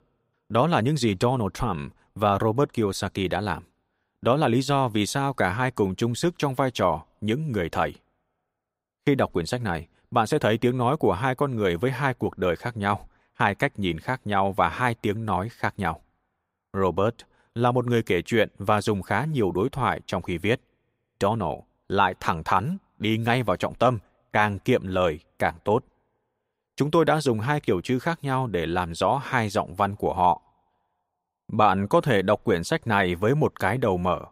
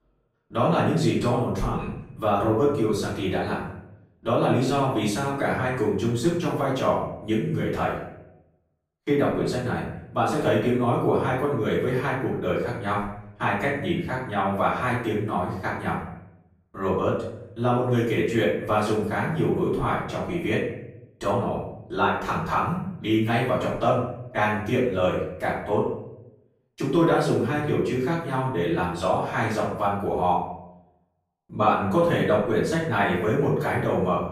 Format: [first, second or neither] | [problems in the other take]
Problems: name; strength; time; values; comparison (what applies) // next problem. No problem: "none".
first | off-mic speech; far // room echo; noticeable; dies away in 0.6 s